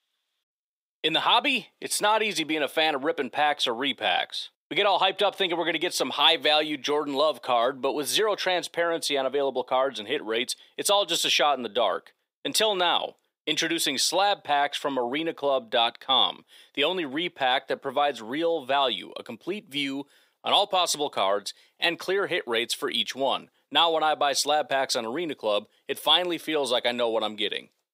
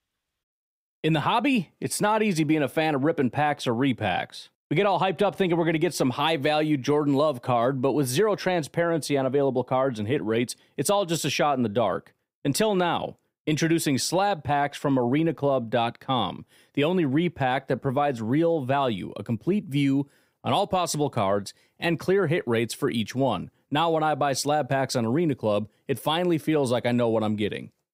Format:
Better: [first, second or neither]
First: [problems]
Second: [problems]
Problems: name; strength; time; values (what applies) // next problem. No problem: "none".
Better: second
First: thin; somewhat; fading below 500 Hz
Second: none